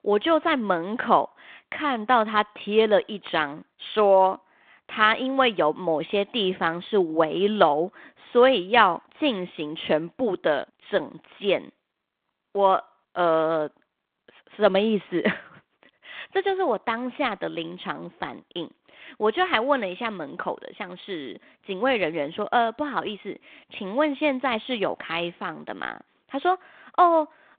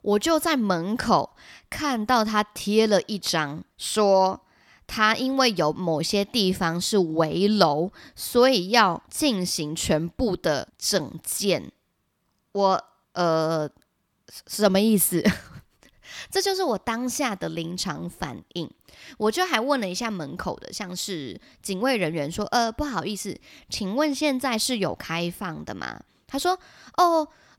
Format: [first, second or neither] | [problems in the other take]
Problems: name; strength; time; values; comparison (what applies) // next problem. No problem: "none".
second | phone-call audio